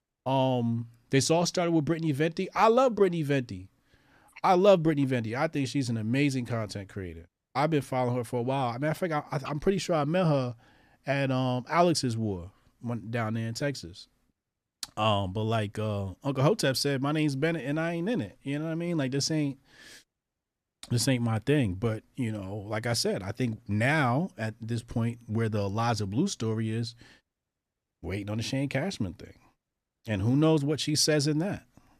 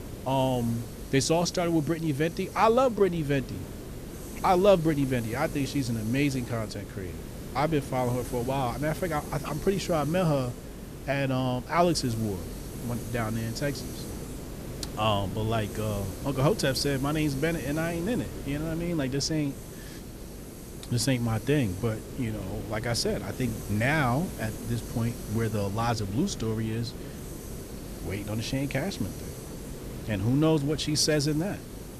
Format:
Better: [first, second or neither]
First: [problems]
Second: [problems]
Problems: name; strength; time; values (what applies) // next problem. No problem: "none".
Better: first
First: none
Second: hiss; noticeable; throughout; 10 dB below the speech